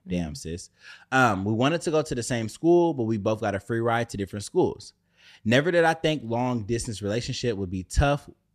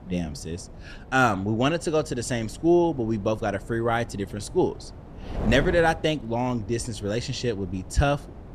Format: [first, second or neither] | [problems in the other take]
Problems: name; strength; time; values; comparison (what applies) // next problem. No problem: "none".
first | wind noise on the microphone; occasional gusts; 20 dB below the speech